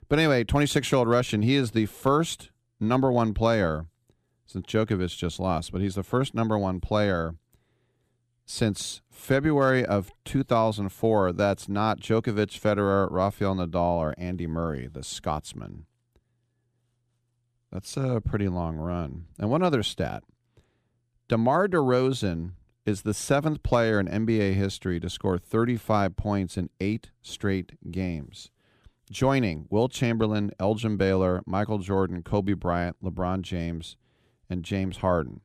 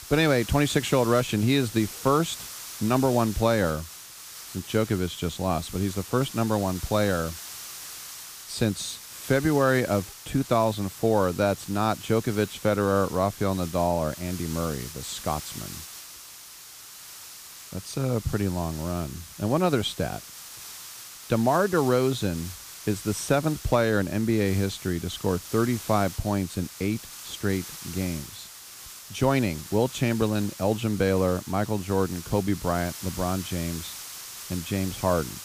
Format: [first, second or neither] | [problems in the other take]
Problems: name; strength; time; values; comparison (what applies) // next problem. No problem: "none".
first | hiss; noticeable; throughout; 15 dB below the speech